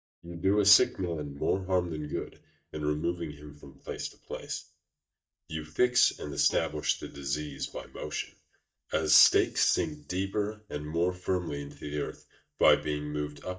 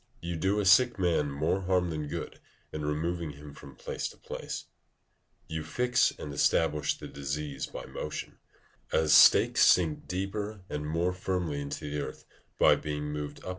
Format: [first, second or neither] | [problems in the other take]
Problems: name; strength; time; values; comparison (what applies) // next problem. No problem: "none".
second | noise reduction (neural mask model DeepFilterNet 3)